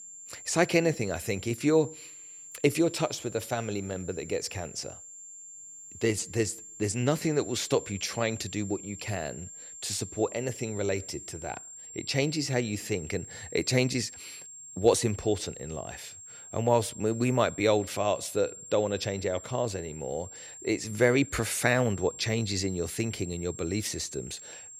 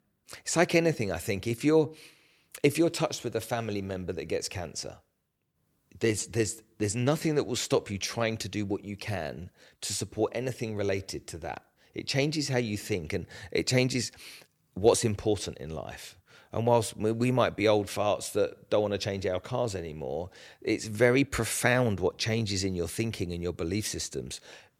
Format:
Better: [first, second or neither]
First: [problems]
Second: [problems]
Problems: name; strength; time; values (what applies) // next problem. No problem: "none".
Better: second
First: high-pitched whine; noticeable; throughout; 7.5 kHz, 15 dB below the speech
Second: none